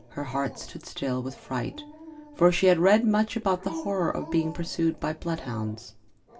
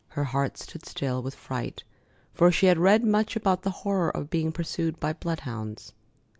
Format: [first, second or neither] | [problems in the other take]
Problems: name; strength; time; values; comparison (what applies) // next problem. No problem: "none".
second | background sound (Dog); 17 dB below the speech // room echo; dies away in 0.2 s